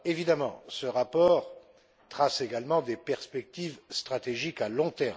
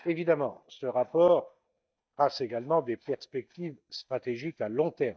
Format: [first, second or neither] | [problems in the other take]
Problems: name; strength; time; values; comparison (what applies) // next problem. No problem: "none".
first | noise reduction (neural mask model DeepFilterNet 3)